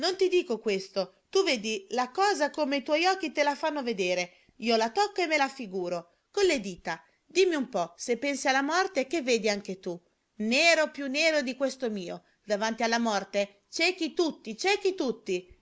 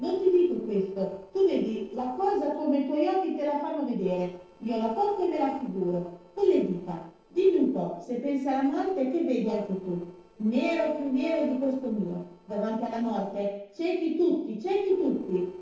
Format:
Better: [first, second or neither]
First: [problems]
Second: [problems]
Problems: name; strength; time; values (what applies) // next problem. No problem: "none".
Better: first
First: none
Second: noise reduction (neural separator model SepFormer DNS4)